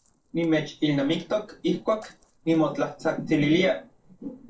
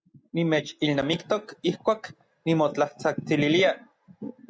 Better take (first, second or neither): second